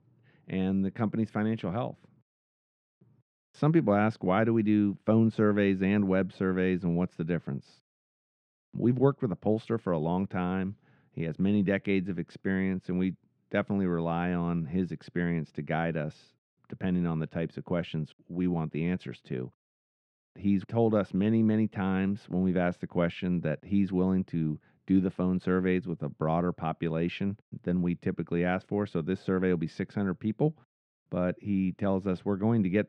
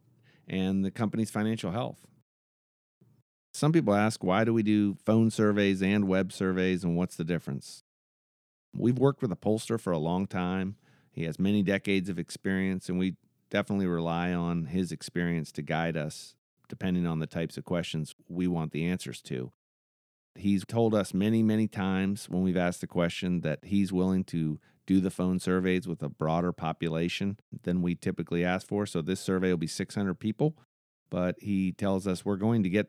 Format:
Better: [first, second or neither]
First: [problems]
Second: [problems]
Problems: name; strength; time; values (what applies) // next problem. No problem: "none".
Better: second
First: muffled; slightly; fading above 2.5 kHz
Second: none